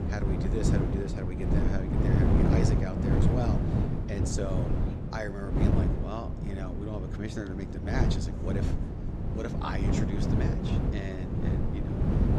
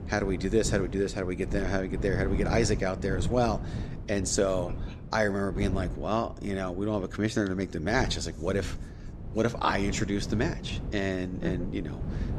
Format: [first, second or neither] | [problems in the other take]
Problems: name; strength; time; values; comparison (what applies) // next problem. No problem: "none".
second | wind noise on the microphone; heavy; 2 dB above the speech; occasional gusts in the second